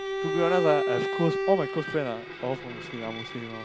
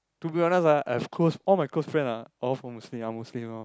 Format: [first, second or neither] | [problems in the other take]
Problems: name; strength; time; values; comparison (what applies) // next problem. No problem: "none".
second | background sound (Bowed string instrument); 2 dB below the speech